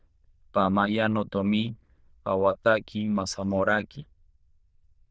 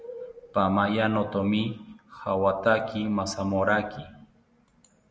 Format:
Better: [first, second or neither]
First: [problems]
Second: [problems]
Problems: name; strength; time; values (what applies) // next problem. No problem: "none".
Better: second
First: noise reduction (neural diffusion model UNIVERSE++)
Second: none